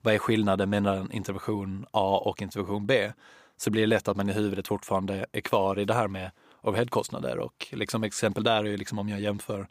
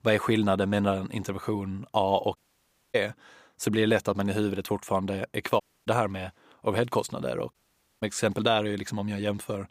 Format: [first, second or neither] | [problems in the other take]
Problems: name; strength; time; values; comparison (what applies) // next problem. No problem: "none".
first | audio cutting out; at 2.5 s for 0.5 s, at 5.5 s and at 7.5 s